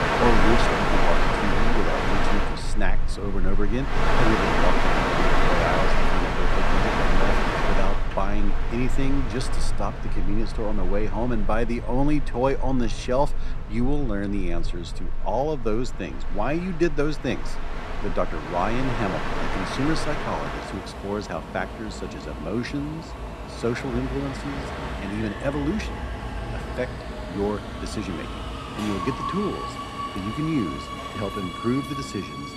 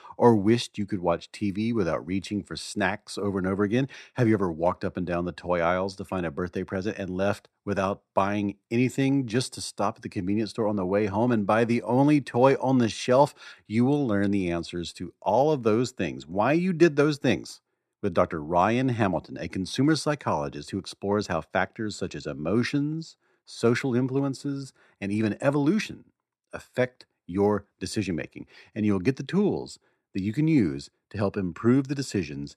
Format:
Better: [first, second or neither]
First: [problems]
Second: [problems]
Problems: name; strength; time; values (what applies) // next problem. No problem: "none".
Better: second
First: train or aircraft noise; very loud; throughout; 1 dB above the speech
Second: none